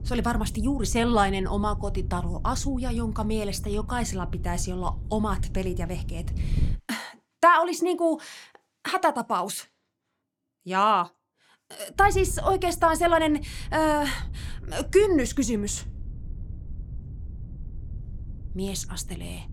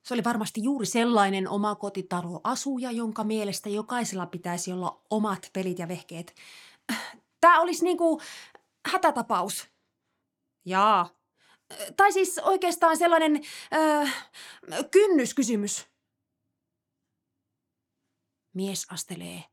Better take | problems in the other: second | wind noise on the microphone; occasional gusts; until 6.5 s and from 12 s on; 25 dB below the speech

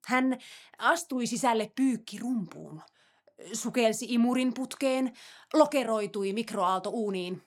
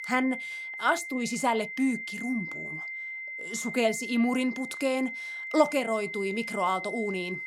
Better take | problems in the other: first | high-pitched whine; loud; throughout; 2 kHz, 6 dB below the speech

